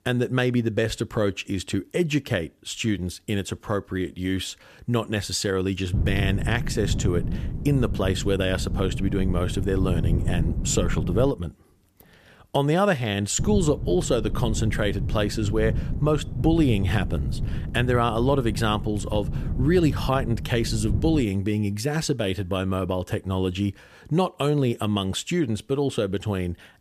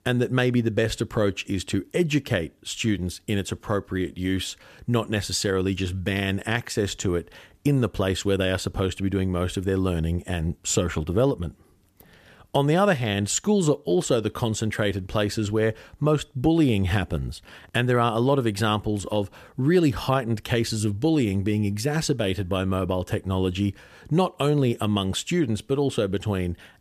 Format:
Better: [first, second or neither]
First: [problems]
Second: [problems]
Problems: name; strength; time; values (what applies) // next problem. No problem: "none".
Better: second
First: wind noise on the microphone; occasional gusts; from 6 to 11 s and from 13 to 21 s; 15 dB below the speech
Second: none